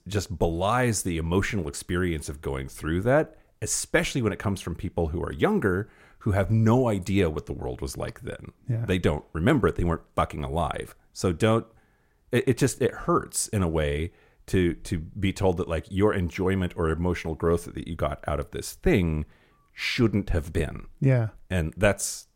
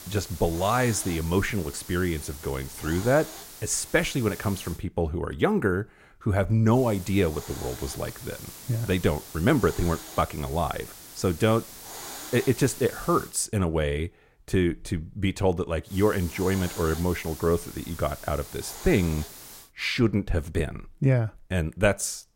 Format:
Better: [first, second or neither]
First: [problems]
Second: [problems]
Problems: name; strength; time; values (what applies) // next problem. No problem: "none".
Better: first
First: none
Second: hiss; noticeable; until 5 s, from 6.5 to 13 s and from 16 to 20 s; 15 dB below the speech